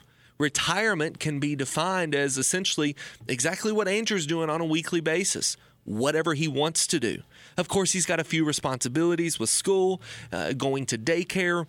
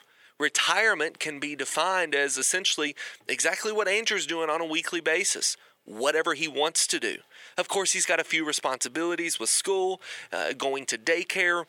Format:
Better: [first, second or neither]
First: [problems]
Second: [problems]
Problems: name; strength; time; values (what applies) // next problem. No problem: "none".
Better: first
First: none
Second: thin; somewhat; fading below 500 Hz